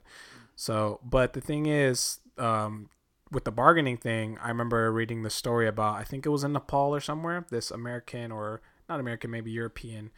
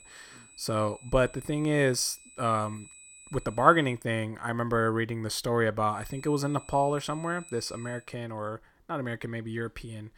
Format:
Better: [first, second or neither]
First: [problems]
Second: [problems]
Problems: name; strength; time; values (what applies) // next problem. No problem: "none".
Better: first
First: none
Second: high-pitched whine; faint; until 4 s and from 6 to 8 s; 8 kHz, 20 dB below the speech